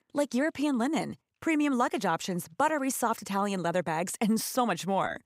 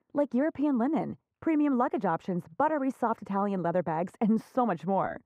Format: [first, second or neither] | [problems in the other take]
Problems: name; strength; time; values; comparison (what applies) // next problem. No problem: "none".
first | muffled; very; fading above 2.5 kHz